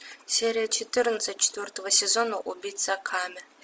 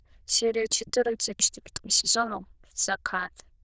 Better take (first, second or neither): first